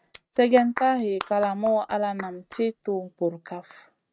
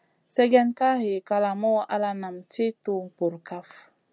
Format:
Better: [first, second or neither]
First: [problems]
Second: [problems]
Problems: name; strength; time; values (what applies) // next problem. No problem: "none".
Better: second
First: noise reduction (neural mask model RNNoise)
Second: none